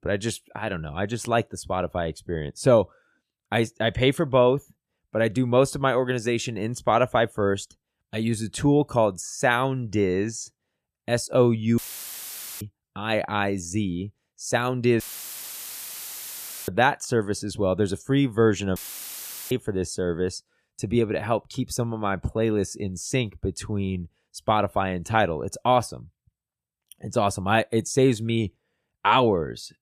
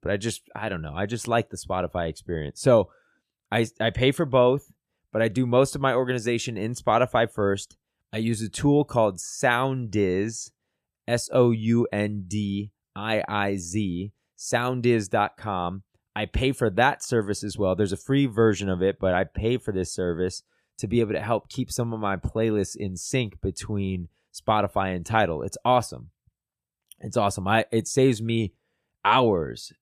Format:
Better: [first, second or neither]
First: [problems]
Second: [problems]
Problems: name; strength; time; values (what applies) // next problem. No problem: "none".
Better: second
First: audio cutting out; filled with static; at 12 s for 1 s, at 15 s for 1.5 s and at 19 s for 1 s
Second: none